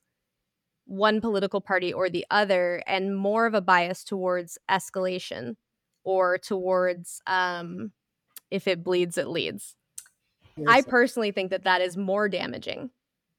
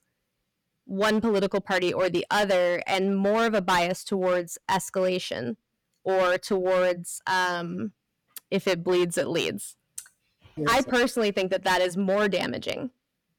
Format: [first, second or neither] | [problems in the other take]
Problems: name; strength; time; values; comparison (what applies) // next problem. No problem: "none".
first | distortion; heavy; 10% of the sound clipped